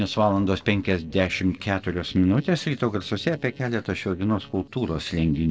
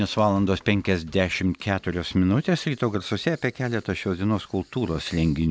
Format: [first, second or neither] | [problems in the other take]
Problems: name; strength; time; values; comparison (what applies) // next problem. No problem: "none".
second | noise reduction (neural separator model SepFormer DNS4)